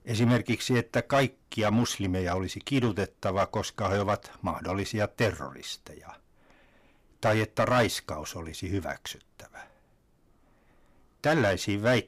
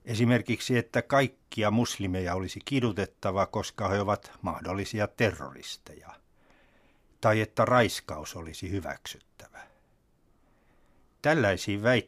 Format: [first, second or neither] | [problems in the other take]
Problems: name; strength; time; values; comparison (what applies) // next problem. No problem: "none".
second | distortion; slight; 3% of the sound clipped